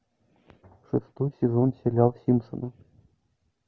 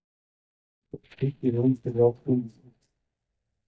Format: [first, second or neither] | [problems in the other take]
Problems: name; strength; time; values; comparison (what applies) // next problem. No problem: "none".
first | noise reduction (neural mask model DeepFilterNet 3)